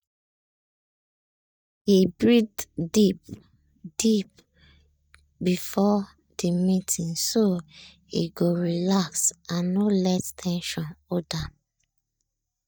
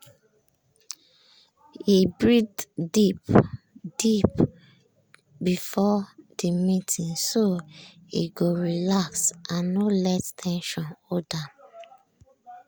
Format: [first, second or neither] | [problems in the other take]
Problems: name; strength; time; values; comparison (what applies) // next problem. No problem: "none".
second | noise reduction (neural mask model DeepFilterNet 3)